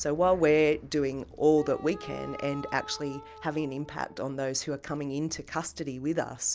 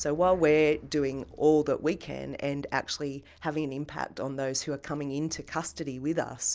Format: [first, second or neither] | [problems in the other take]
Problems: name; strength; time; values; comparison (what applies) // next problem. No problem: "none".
second | background sound (Wind instrument, woodwind instrument); 17 dB below the speech